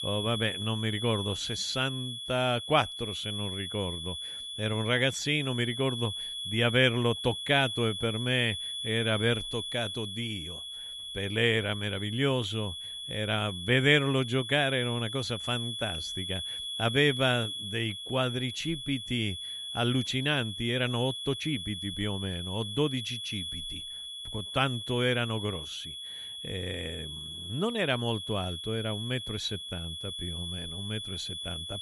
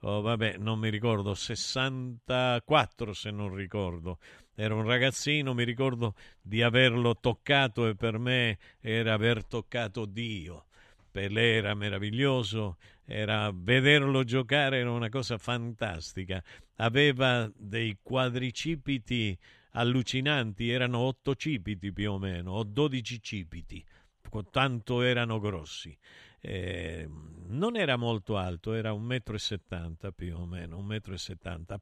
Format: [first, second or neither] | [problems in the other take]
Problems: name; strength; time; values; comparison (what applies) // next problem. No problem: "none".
second | high-pitched whine; loud; throughout; 3.5 kHz, 6 dB below the speech